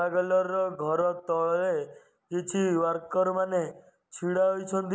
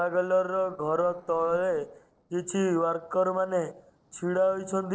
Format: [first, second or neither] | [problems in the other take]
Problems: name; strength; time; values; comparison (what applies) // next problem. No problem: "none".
first | noise reduction (neural separator model SepFormer DNS4)